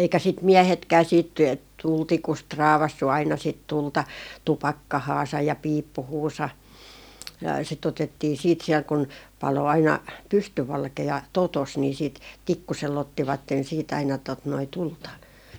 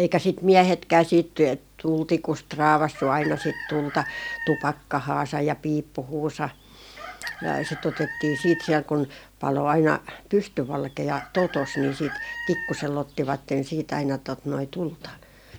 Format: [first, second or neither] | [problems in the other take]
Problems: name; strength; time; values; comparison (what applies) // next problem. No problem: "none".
first | background sound (Chicken, rooster); 13 dB below the speech